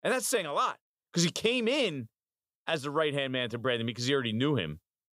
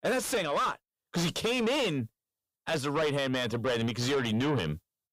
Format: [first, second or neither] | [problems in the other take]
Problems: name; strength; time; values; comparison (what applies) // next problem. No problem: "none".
first | distortion; heavy; 6 dB below the speech